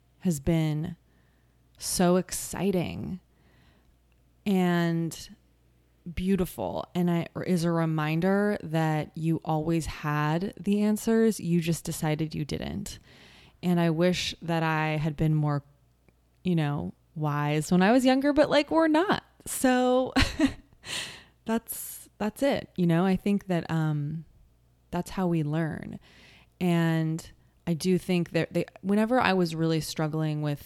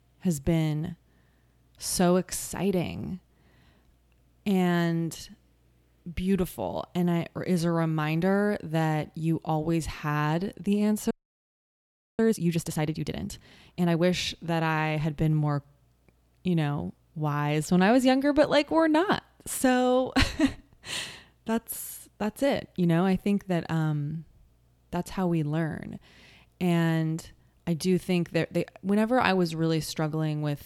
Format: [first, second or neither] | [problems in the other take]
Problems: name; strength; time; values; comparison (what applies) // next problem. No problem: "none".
first | audio freezing; at 11 s for 1 s